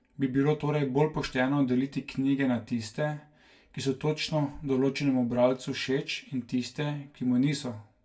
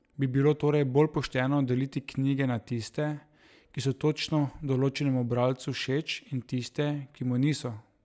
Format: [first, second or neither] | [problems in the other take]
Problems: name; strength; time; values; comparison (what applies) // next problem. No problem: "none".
second | room echo; dies away in 0.2 s